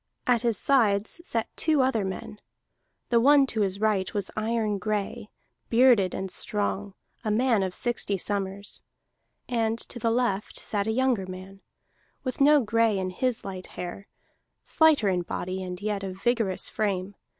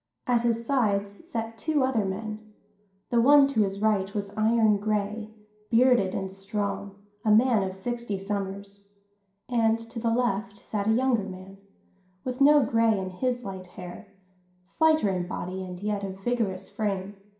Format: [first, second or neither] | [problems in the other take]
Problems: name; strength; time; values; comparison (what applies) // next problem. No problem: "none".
first | room echo; dies away in 0.5 s